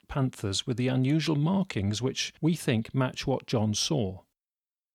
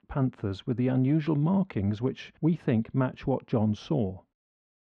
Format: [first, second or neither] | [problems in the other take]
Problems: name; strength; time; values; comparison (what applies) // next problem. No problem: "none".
first | muffled; very; fading above 1.5 kHz